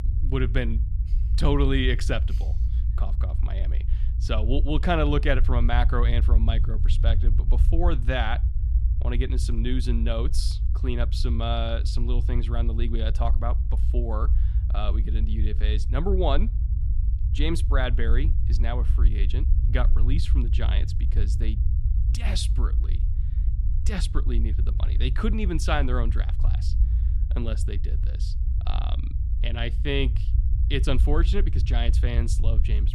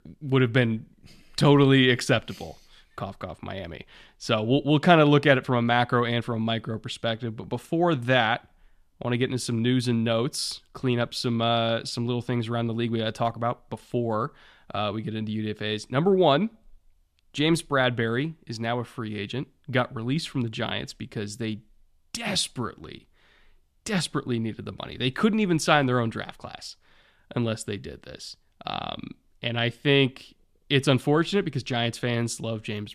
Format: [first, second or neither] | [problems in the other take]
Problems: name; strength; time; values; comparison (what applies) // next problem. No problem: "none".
second | low rumble; noticeable; throughout; 15 dB below the speech